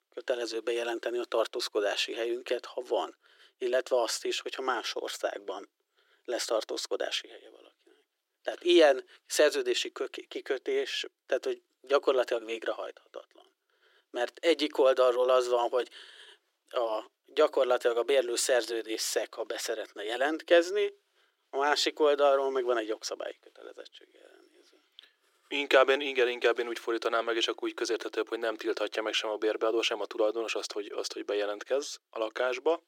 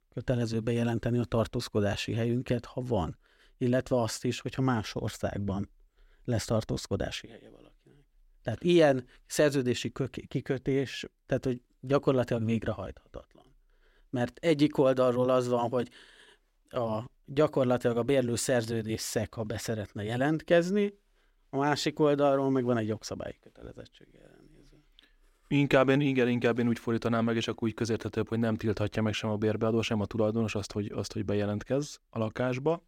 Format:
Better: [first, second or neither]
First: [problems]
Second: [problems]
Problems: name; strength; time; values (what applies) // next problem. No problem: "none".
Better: second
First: thin; very; fading below 350 Hz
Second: none